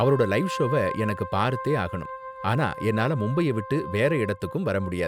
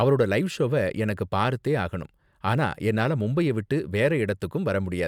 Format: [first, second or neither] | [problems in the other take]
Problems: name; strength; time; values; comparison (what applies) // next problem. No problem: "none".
second | background sound (Wind instrument, woodwind instrument); 11 dB below the speech